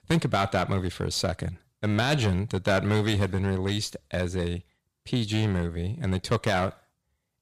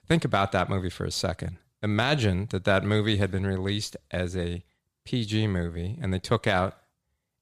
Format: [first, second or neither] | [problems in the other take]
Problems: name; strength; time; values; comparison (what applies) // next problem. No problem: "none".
second | distortion; slight; 5% of the sound clipped